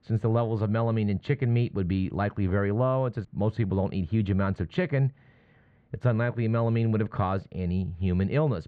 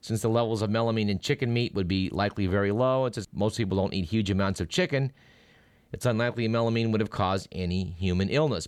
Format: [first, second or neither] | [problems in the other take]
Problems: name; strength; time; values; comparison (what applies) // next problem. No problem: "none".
second | muffled; very; fading above 1.5 kHz